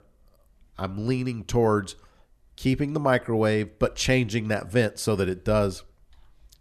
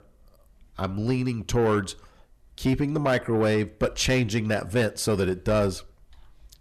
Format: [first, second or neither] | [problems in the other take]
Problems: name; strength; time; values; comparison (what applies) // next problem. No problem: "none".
first | distortion; slight; 10 dB below the speech